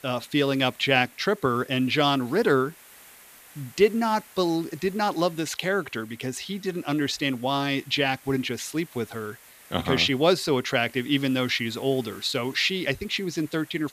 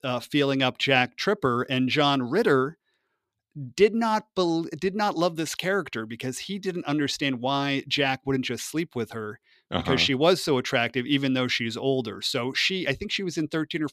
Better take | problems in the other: second | hiss; faint; throughout; 25 dB below the speech

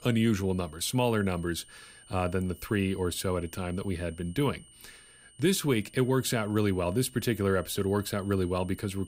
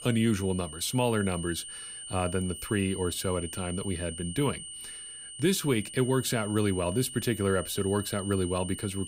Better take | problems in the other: first | high-pitched whine; loud; throughout; 9 kHz, 10 dB below the speech; faint in the first

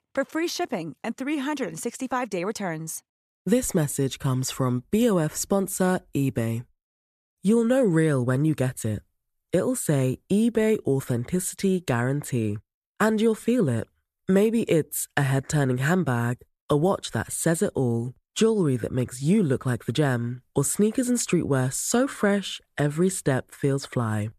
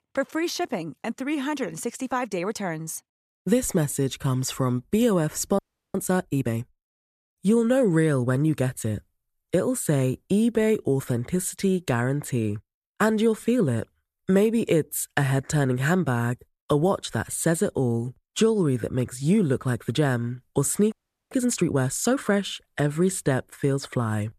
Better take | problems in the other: first | audio freezing; at 5.5 s and at 21 s

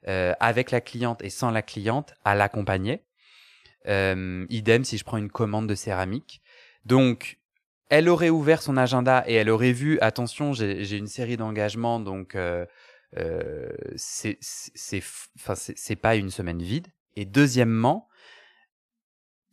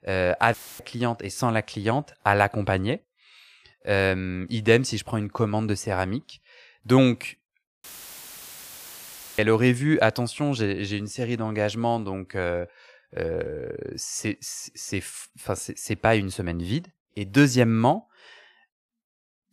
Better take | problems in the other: first | audio cutting out; filled with static; at 0.5 s and at 8 s for 1.5 s

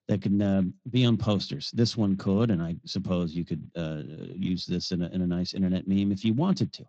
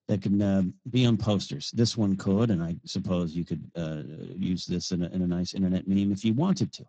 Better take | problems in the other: first | garbled, watery; badly; nothing above 7.5 kHz; slightly in the first

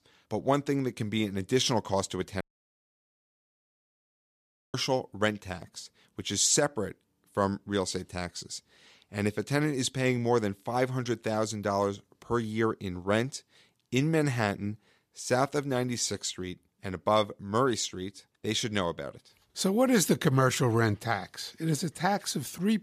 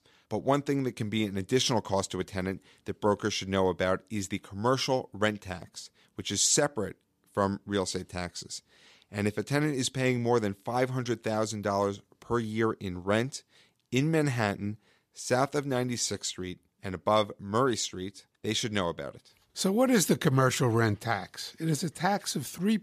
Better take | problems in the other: second | audio cutting out; at 2.5 s for 2.5 s

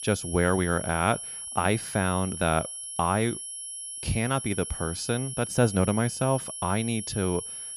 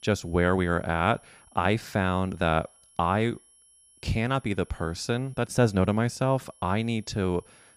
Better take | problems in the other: second | high-pitched whine; loud; throughout; 10.5 kHz, 7 dB below the speech; faint in the second

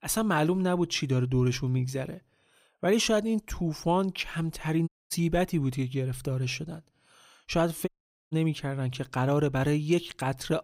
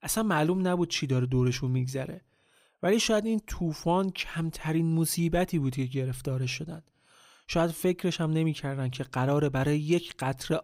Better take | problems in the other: second | audio cutting out; at 5 s and at 8 s

